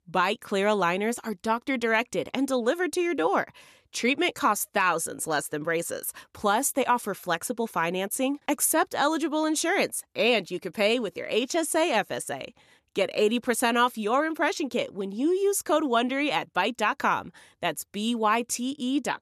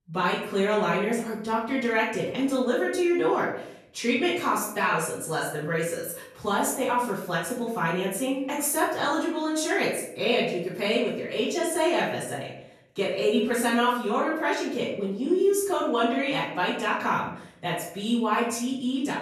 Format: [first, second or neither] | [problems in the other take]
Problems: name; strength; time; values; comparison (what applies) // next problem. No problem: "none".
first | off-mic speech; far // room echo; noticeable; dies away in 0.6 s